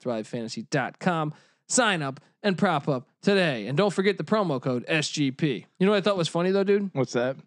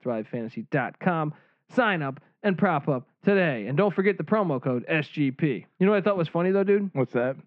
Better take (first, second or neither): first